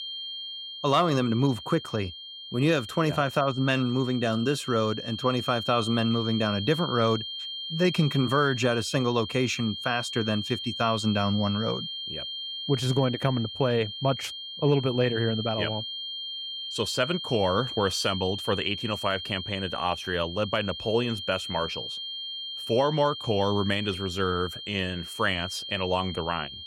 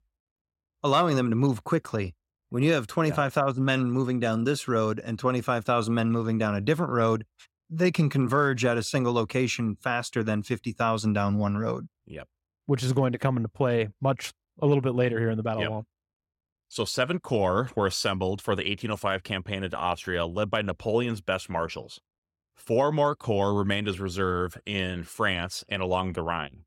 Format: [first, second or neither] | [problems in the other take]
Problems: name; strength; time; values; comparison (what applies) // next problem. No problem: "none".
second | high-pitched whine; loud; throughout; 3 kHz, 7 dB below the speech